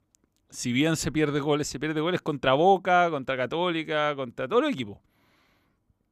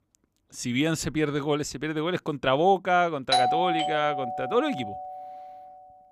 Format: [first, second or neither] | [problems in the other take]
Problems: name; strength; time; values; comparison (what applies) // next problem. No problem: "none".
first | doorbell; loud; from 3.5 to 5 s; peak 4 dB above the speech